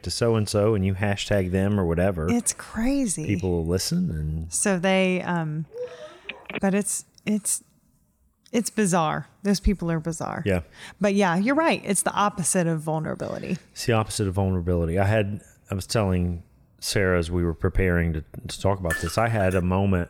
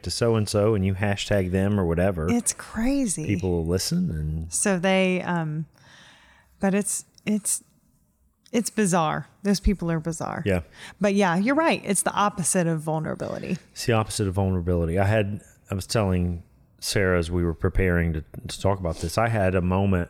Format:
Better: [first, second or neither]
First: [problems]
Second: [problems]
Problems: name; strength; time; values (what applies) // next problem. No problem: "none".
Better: second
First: phone ringing; noticeable; at 5.5 s; peak 9 dB below the speech // clattering dishes; noticeable; at 19 s; peak 6 dB below the speech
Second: none